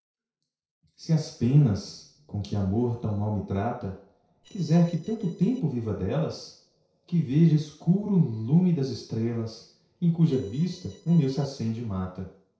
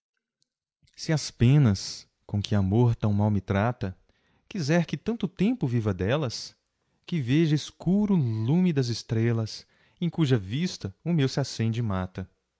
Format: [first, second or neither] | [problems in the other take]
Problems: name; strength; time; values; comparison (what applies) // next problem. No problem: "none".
second | noise reduction (neural separator model SepFormer DNS4)